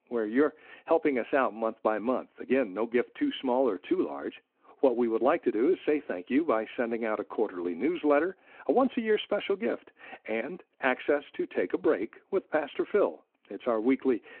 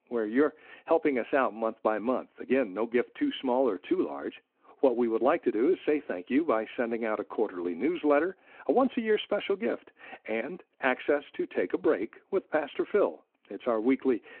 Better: neither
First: phone-call audio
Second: phone-call audio

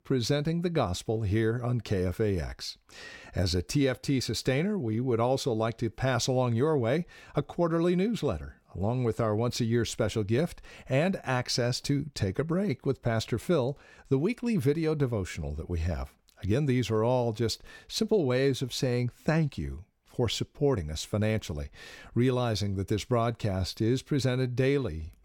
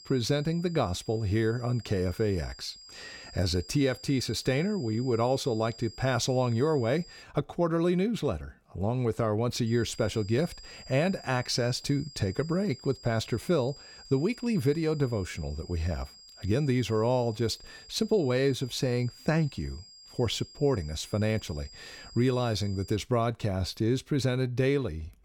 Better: first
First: none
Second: high-pitched whine; noticeable; until 7 s and from 9.5 to 23 s; 5 kHz, 20 dB below the speech

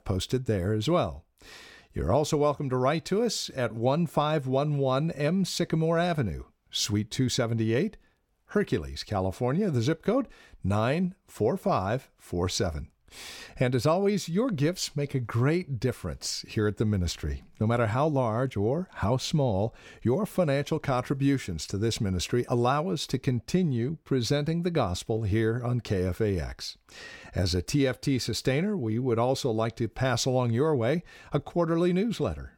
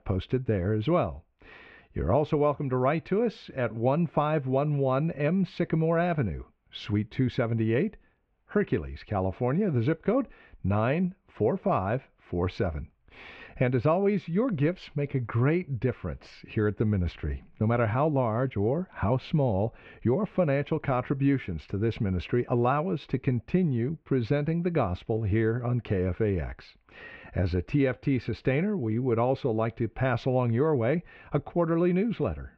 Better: first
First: none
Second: muffled; very; fading above 2.5 kHz

